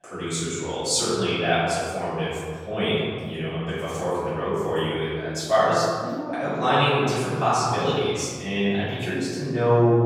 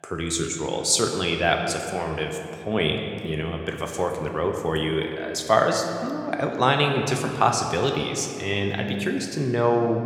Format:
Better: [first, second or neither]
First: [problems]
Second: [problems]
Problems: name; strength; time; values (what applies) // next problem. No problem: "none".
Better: second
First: room echo; strong; dies away in 1.6 s // off-mic speech; far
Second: room echo; slight; dies away in 2 s